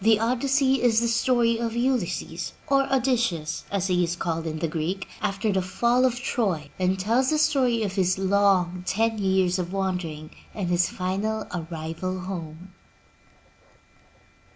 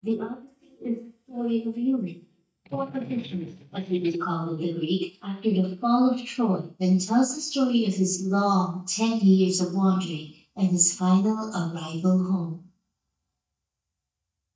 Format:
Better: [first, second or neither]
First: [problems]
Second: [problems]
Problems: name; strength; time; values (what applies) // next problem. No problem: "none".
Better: first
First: none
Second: noise reduction (neural mask model DeepFilterNet 3)